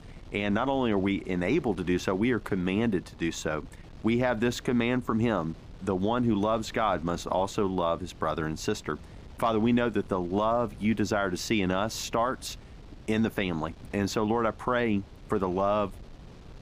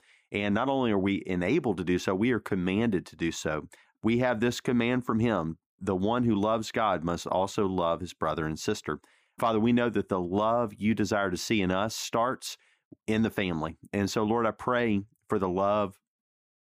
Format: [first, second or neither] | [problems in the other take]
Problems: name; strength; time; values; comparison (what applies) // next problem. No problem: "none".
second | wind noise on the microphone; occasional gusts; 25 dB below the speech